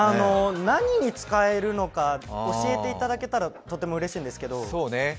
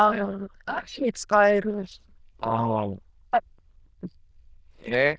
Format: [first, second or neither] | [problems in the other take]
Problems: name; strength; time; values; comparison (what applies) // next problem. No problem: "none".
first | noise reduction (neural diffusion model UNIVERSE++)